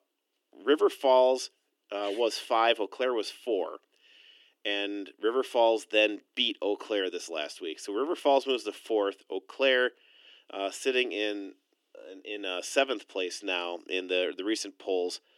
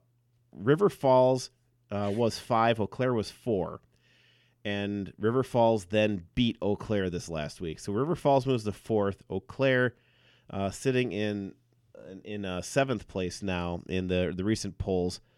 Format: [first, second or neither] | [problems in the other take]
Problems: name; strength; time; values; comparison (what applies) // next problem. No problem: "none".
second | thin; somewhat; fading below 300 Hz